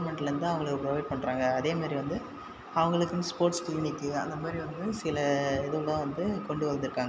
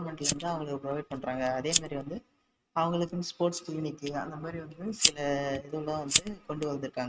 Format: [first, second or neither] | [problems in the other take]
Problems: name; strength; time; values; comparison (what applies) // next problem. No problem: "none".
first | noise reduction (neural mask model RNNoise)